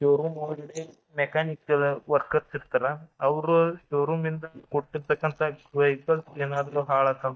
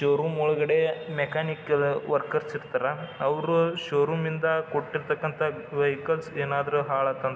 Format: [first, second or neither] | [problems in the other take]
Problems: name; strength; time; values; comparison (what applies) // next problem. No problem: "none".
second | noise reduction (neural mask model DeepFilterNet 3)